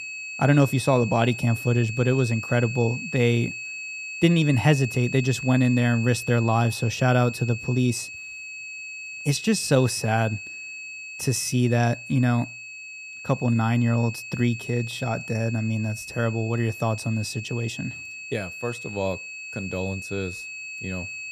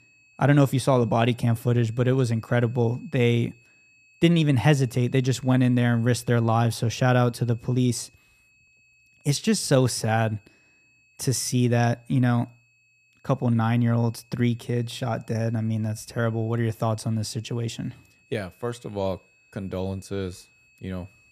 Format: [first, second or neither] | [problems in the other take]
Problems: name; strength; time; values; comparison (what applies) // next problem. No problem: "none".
second | high-pitched whine; loud; throughout; 2.5 kHz, 10 dB below the speech; faint in the second